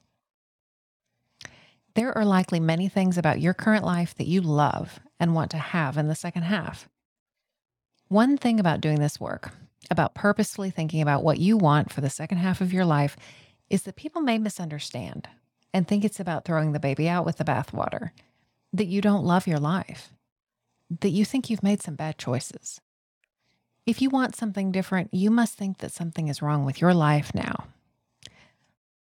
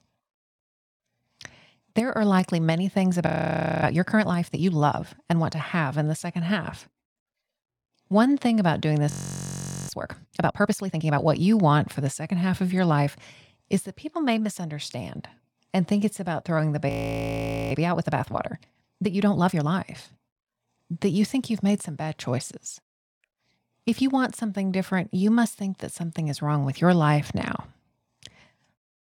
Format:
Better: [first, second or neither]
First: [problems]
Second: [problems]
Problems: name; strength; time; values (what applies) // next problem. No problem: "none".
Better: first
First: none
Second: audio freezing; at 3.5 s for 0.5 s, at 9 s for 1 s and at 17 s for 1 s